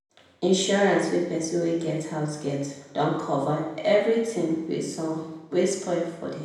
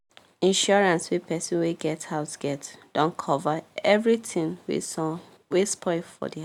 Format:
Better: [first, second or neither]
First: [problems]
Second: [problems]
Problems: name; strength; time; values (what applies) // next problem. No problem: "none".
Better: second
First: room echo; dies away in 0.9 s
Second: none